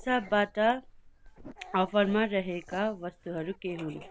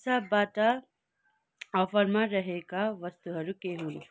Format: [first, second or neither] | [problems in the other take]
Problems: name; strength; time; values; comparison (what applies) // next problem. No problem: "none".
second | background sound (Dog); 19 dB below the speech